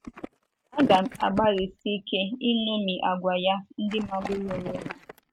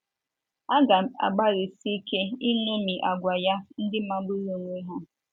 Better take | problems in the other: second | noise reduction (neural mask model RNNoise)

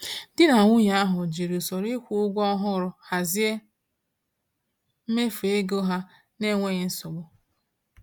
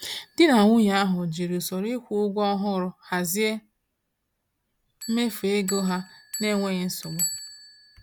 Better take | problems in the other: first | background sound (Bell); 15 dB below the speech

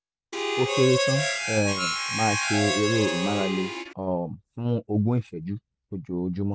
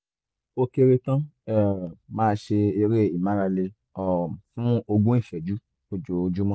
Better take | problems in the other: second | background sound (Harmonica); as loud as the speech

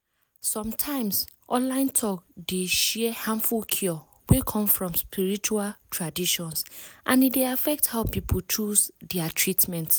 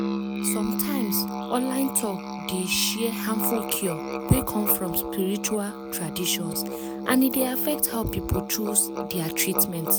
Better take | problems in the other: first | background sound (Musical instrument); 4 dB below the speech

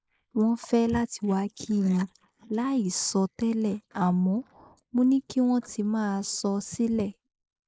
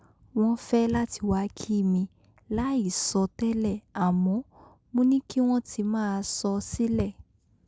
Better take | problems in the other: second | noise reduction (neural mask model Resemble Enhance denoiser)

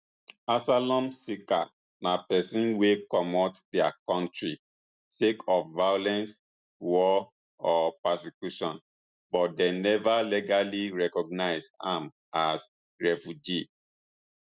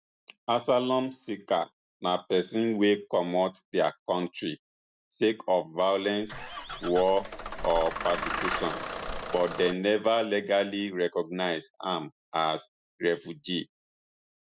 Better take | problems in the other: first | background sound (Engine starting / Bus); 6 dB below the speech

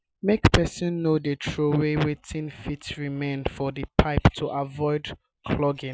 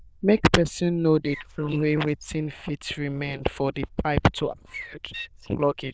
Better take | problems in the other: first | noise reduction (neural diffusion model UNIVERSE++)

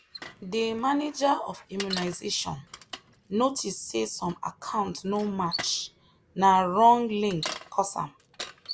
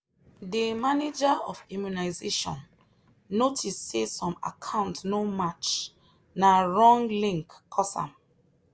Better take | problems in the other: second | background sound (Bicycle); 15 dB below the speech

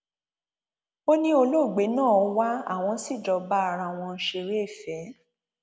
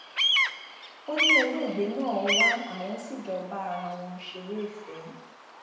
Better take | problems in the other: first | background sound (Bird vocalization, bird call, bird song); 3 dB above the speech // room echo; dies away in 0.8 s

